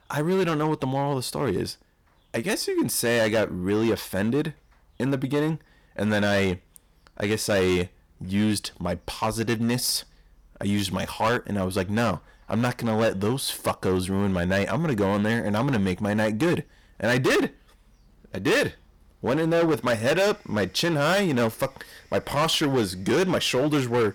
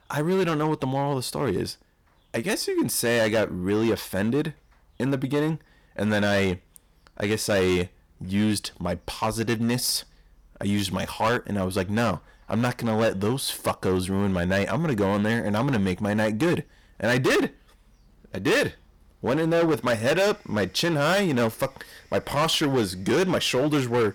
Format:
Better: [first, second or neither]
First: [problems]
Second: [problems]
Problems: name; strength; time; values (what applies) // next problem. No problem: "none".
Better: neither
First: distortion; heavy; 11% of the sound clipped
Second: distortion; heavy; 11% of the sound clipped